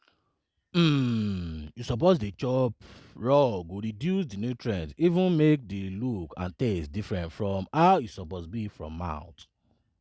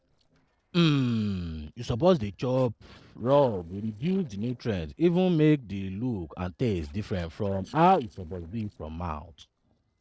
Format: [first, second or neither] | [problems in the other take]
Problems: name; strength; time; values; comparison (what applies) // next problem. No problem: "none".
first | noise reduction (neural separator model SepFormer DNS4)